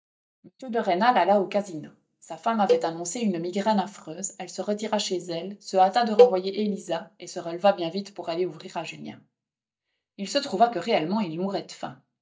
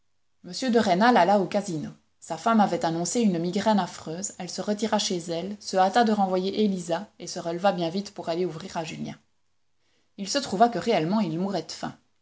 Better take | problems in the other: second | noise reduction (neural mask model DeepFilterNet 3)

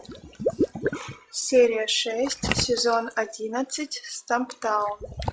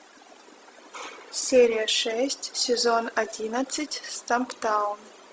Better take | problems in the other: second | noise reduction (classical method log-MMSE)

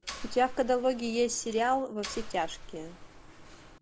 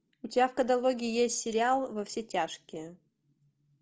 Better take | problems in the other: second | background sound (Mechanisms); 12 dB below the speech

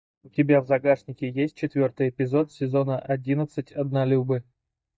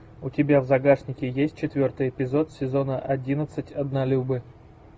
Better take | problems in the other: second | noise reduction (neural mask model DeepFilterNet 3)

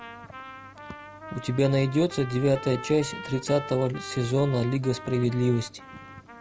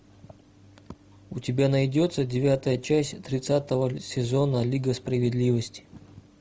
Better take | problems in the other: second | background sound (Trumpet); 15 dB below the speech

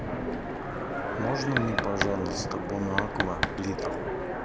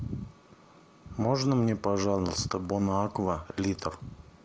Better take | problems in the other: second | background sound (Knock + Train); 2 dB above the speech

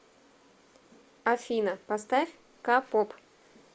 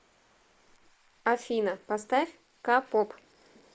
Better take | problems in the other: first | noise reduction (neural mask model Resemble Enhance denoiser)

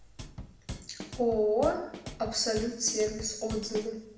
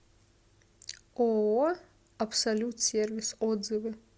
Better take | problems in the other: second | background sound (Drum kit); 12 dB below the speech // room echo; dies away in 0.8 s

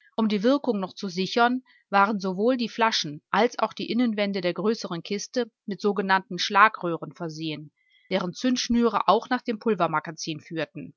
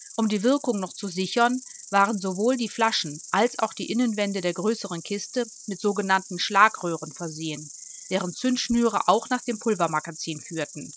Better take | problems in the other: first | noise reduction (neural mask model RNNoise)

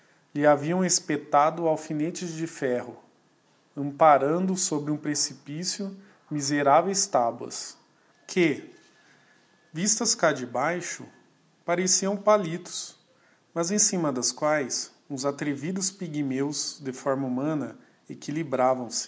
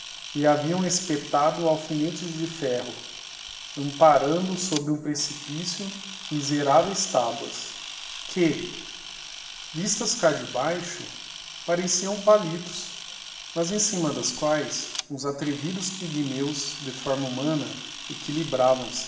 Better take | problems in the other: first | background sound (Camera); 12 dB below the speech // room echo; dies away in 0.9 s

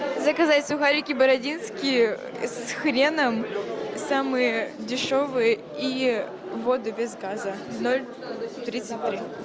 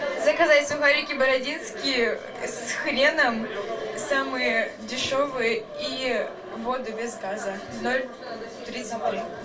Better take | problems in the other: first | room echo; dies away in 0.2 s

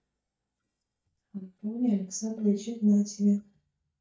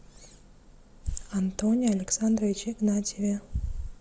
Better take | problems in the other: second | noise reduction (neural mask model DeepFilterNet 3)

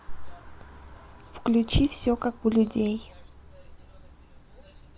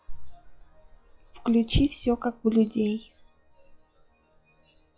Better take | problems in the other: first | noise reduction (classical method log-MMSE)

